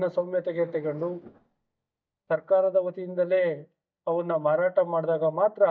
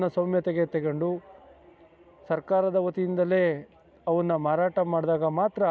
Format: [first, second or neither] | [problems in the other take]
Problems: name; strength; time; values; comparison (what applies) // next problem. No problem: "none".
second | noise reduction (neural mask model DeepFilterNet 3)